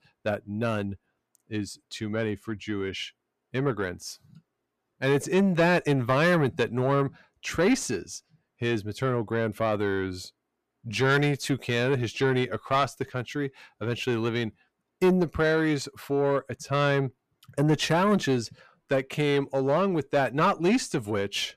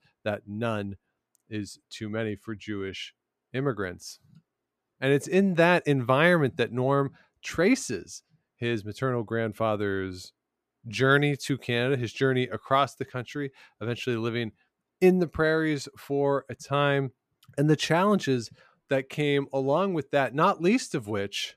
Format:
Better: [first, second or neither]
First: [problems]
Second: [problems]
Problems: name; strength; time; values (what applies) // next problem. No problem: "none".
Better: second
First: distortion; slight; 10 dB below the speech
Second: none